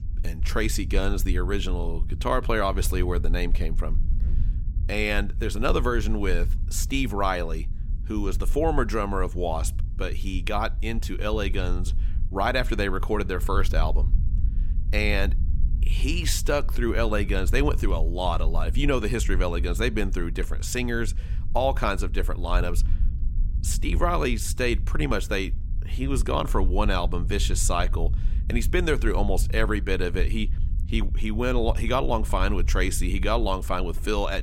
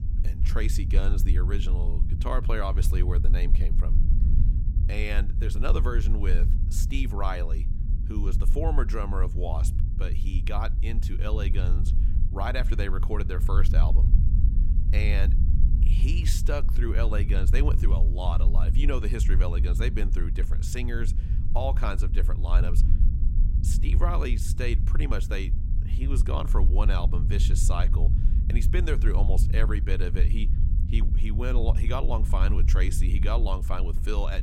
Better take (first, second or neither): first